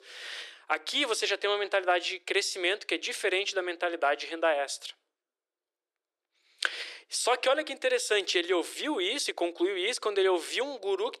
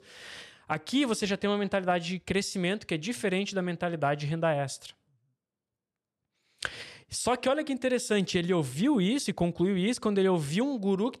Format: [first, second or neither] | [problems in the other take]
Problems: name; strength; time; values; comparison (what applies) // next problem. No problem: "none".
second | thin; very; fading below 350 Hz